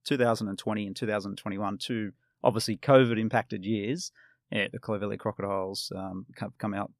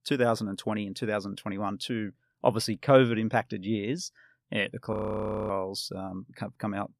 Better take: first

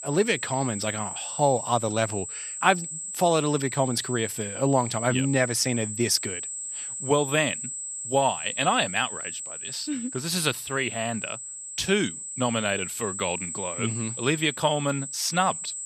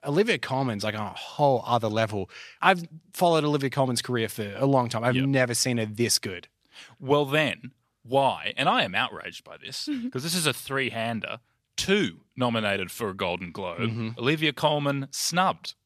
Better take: second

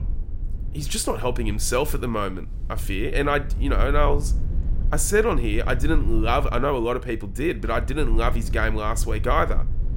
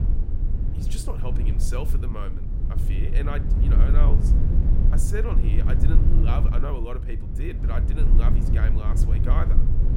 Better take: first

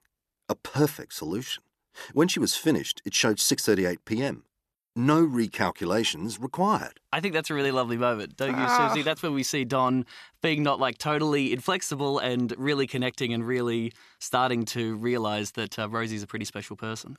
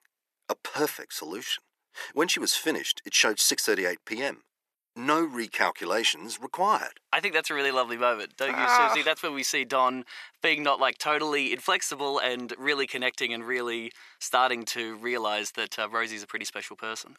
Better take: first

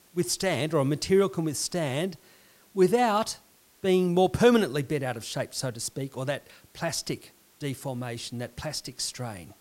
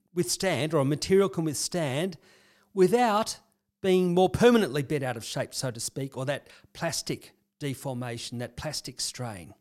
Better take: second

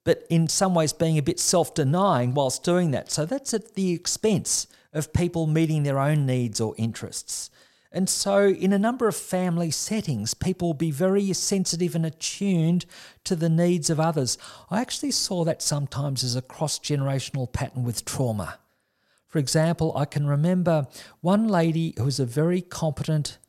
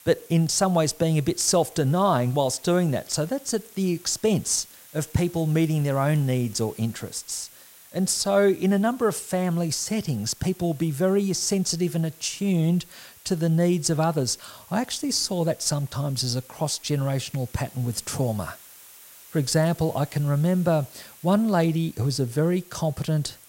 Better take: first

